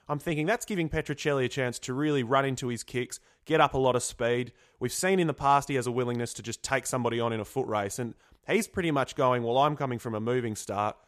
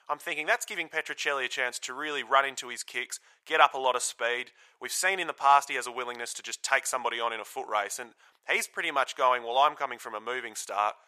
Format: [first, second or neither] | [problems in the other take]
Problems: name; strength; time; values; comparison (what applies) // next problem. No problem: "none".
first | thin; very; fading below 850 Hz